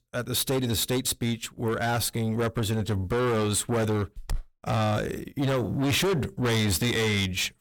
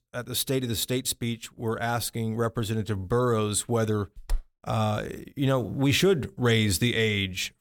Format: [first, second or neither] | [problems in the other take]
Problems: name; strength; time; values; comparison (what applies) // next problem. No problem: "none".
second | distortion; heavy; 7 dB below the speech